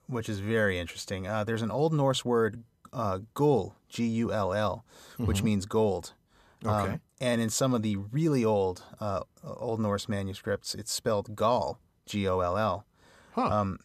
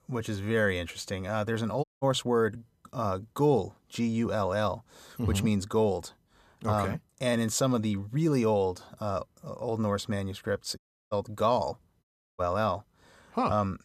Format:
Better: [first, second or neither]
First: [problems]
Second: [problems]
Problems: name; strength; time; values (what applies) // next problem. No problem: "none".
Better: first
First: none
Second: audio cutting out; at 2 s, at 11 s and at 12 s